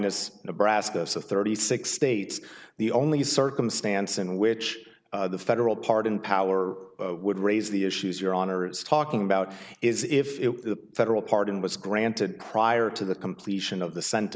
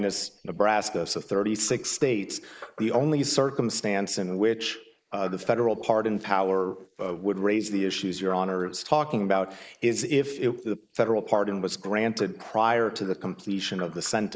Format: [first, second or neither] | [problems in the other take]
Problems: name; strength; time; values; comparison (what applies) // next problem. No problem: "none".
first | noise reduction (neural mask model Resemble Enhance denoiser)